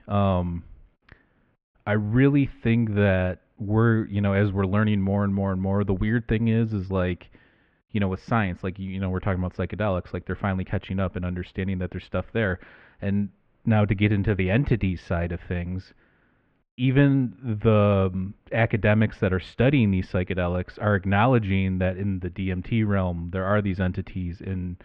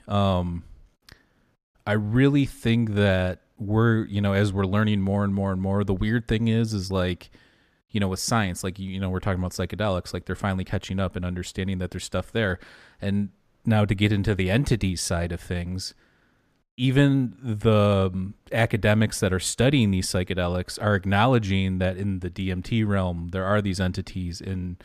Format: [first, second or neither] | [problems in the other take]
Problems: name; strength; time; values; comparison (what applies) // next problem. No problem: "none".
second | muffled; very; fading above 2.5 kHz